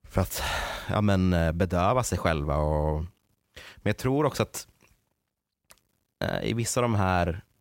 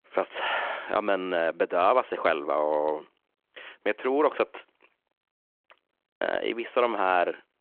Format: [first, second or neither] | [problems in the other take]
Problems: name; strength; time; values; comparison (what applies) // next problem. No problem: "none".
first | phone-call audio